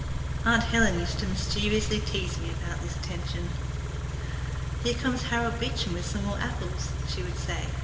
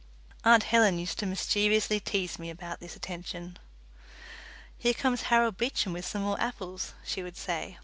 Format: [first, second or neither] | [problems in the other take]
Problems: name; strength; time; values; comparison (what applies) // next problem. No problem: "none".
second | background sound (Idling / Car); 1 dB above the speech // room echo; dies away in 1.8 s